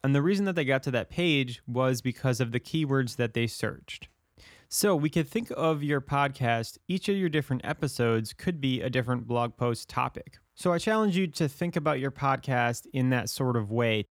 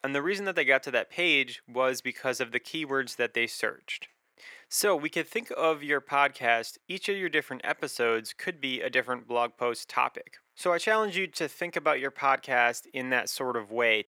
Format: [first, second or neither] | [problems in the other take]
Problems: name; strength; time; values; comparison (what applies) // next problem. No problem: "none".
first | thin; very; fading below 500 Hz